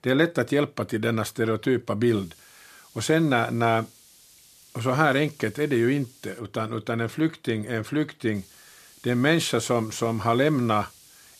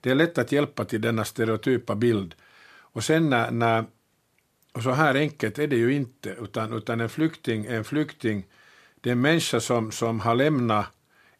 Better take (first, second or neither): second